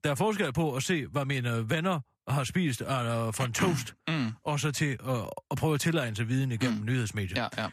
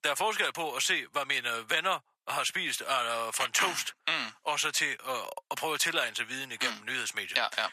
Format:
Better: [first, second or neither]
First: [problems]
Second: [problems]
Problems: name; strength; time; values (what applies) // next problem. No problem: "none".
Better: first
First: none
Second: thin; very; fading below 800 Hz